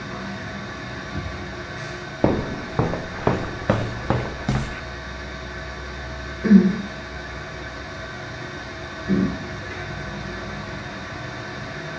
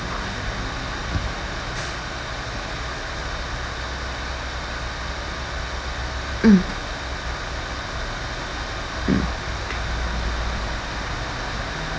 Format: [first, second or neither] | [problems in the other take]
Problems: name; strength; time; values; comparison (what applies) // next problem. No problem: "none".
second | background sound (Walk, footsteps); 2 dB above the speech // room echo; dies away in 0.9 s